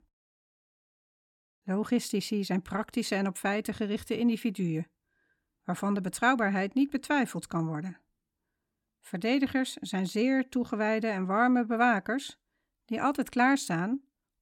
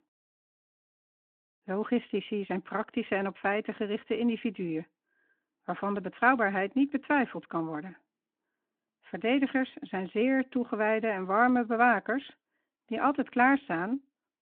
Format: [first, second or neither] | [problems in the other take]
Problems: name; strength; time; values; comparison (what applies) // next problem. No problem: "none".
first | phone-call audio